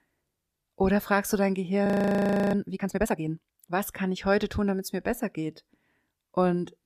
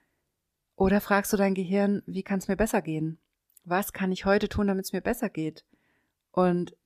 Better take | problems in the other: second | audio freezing; at 2 s for 0.5 s

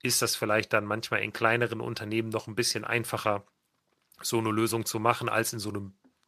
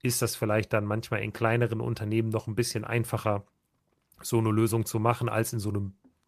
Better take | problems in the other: second | thin; somewhat; fading below 550 Hz

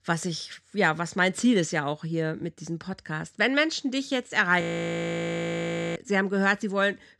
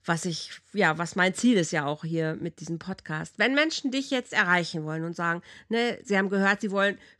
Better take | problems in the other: second | audio freezing; at 4.5 s for 1.5 s

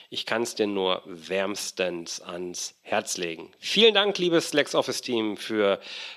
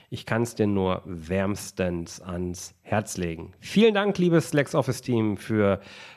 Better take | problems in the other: second | thin; somewhat; fading below 350 Hz

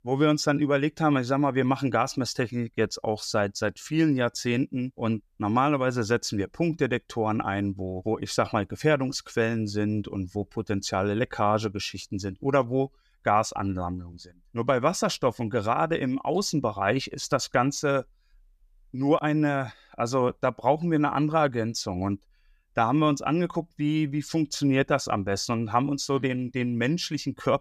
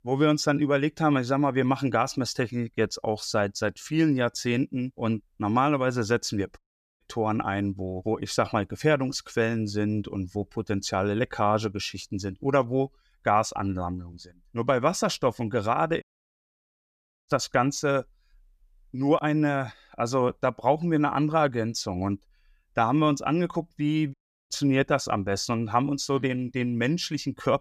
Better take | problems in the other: first | audio cutting out; at 6.5 s, at 16 s for 1.5 s and at 24 s

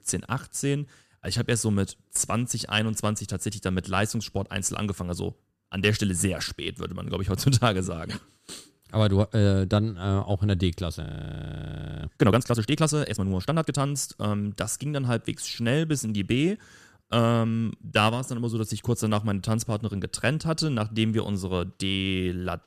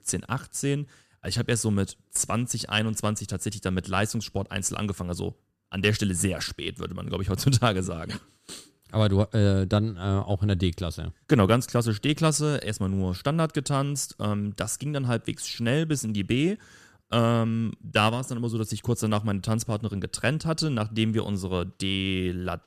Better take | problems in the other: second | audio freezing; at 11 s for 1 s

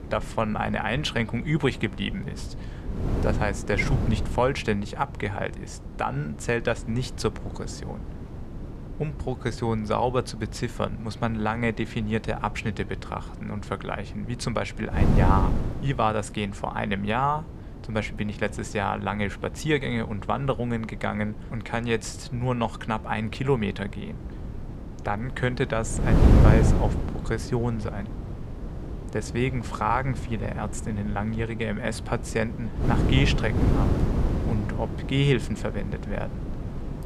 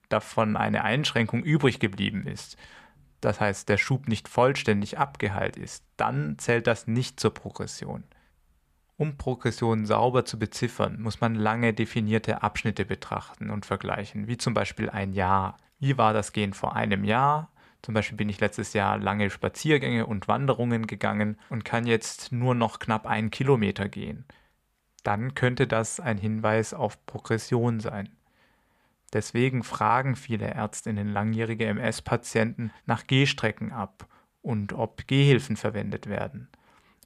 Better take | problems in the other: second | wind noise on the microphone; heavy; 10 dB below the speech

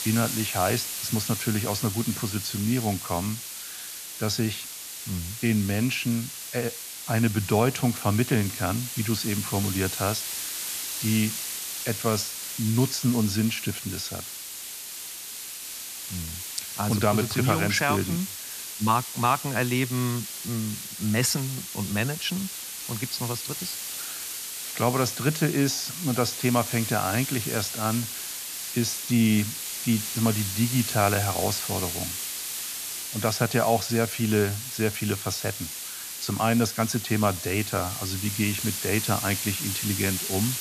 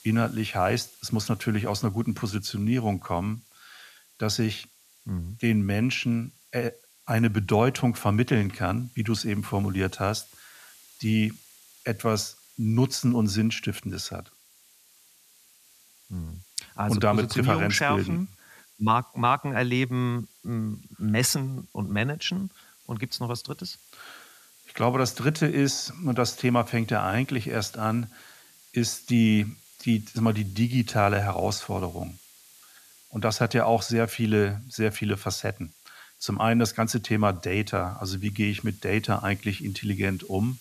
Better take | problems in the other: second | hiss; loud; throughout; 5 dB below the speech; faint in the second

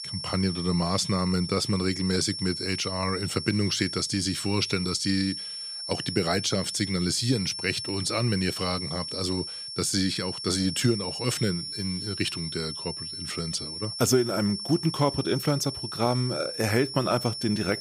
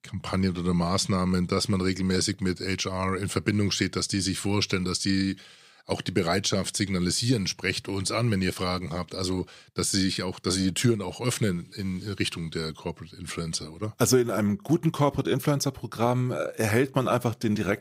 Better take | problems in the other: second | high-pitched whine; loud; throughout; 5.5 kHz, 6 dB below the speech

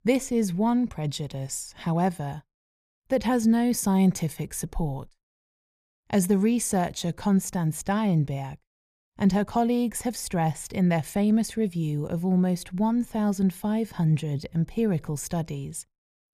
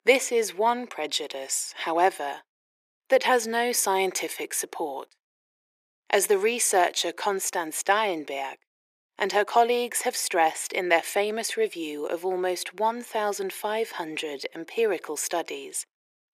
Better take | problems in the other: first | thin; very; fading below 350 Hz

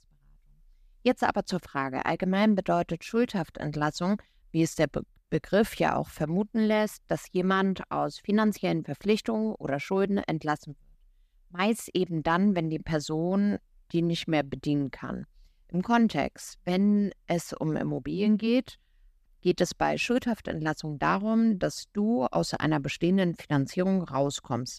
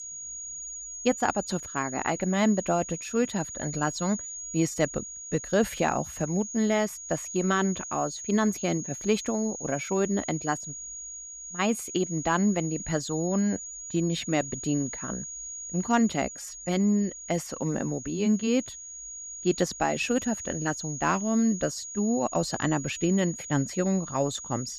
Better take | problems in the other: first | high-pitched whine; loud; throughout; 6.5 kHz, 8 dB below the speech

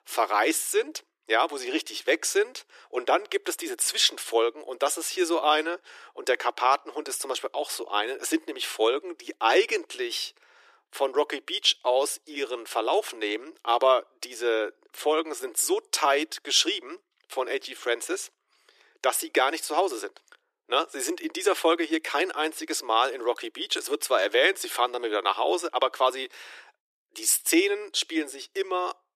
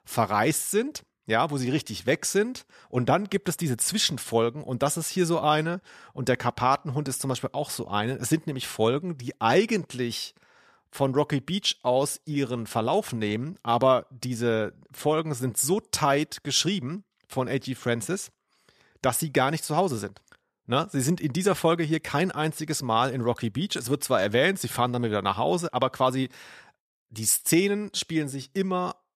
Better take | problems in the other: second | thin; very; fading below 300 Hz

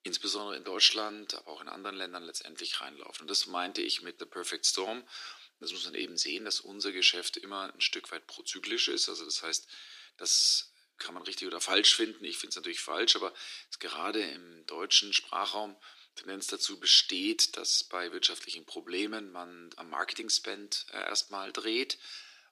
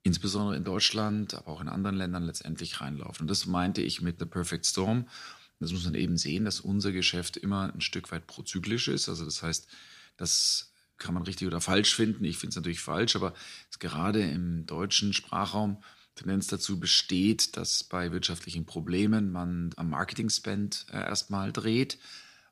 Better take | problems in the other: second | thin; very; fading below 300 Hz

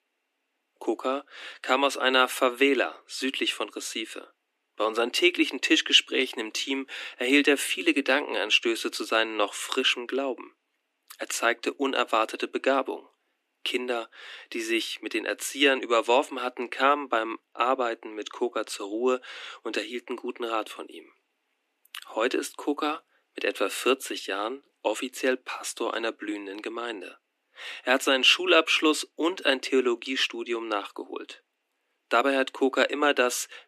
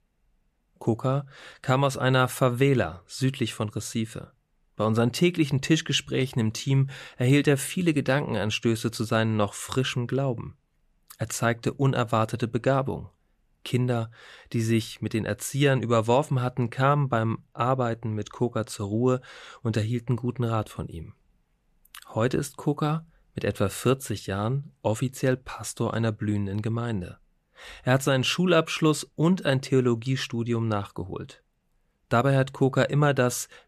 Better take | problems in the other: second | thin; somewhat; fading below 250 Hz

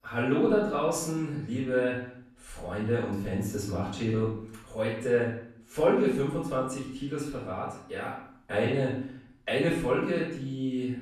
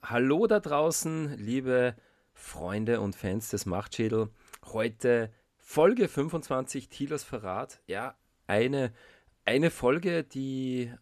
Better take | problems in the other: second | off-mic speech; far // room echo; noticeable; dies away in 0.7 s

